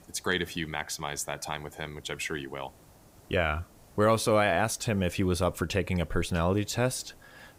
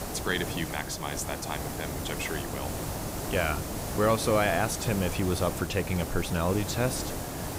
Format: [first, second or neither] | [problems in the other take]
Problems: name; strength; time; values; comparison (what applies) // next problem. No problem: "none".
first | hiss; loud; throughout; 5 dB below the speech; faint in the first